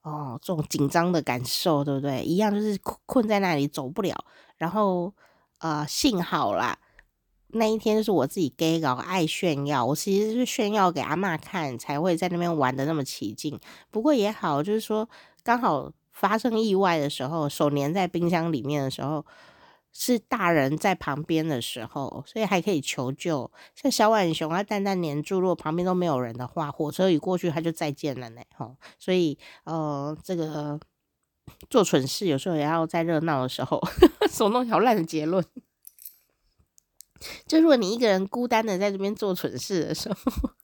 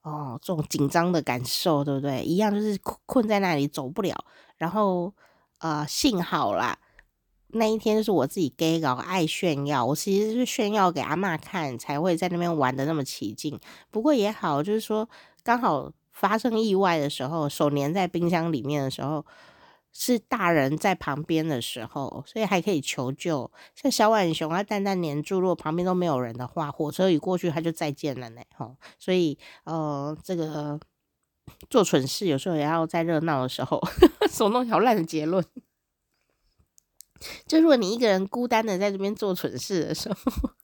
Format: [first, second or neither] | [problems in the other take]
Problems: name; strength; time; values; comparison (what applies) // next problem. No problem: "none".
second | jangling keys; faint; at 36 s; peak 20 dB below the speech